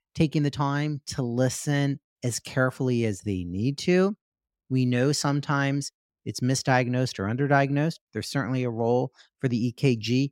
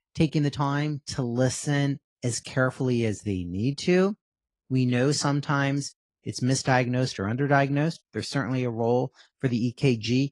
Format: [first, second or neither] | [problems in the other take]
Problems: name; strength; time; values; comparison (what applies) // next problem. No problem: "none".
first | garbled, watery; slightly; nothing above 10 kHz